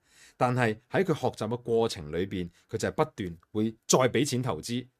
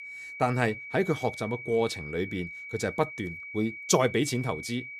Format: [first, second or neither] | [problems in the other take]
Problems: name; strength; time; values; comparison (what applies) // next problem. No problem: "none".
first | high-pitched whine; loud; throughout; 2.5 kHz, 10 dB below the speech